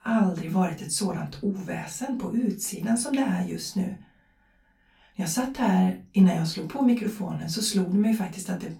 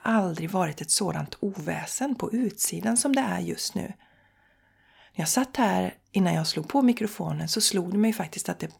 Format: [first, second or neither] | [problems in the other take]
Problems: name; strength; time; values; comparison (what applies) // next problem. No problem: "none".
second | off-mic speech; far // room echo; very slight; dies away in 0.3 s